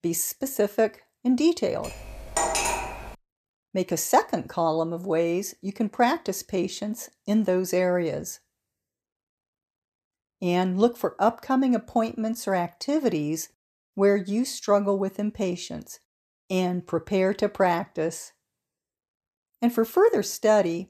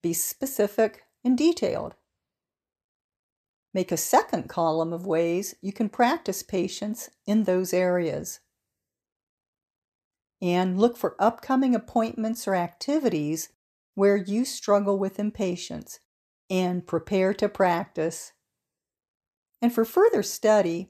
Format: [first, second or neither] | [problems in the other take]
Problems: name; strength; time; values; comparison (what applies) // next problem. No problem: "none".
second | clattering dishes; loud; from 2 to 3 s; peak 2 dB above the speech